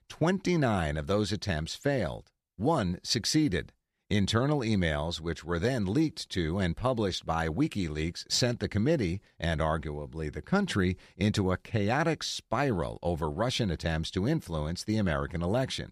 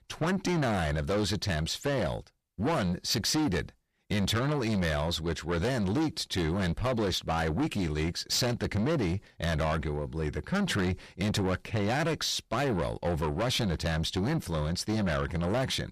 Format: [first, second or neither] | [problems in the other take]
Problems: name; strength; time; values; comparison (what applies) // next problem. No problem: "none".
first | distortion; heavy; 7 dB below the speech